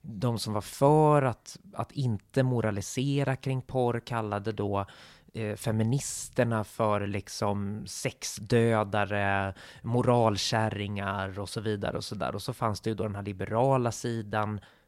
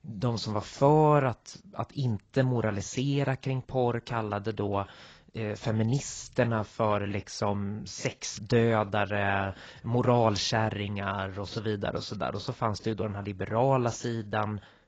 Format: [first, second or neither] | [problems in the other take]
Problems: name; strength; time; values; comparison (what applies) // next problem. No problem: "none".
first | garbled, watery; badly; nothing above 7.5 kHz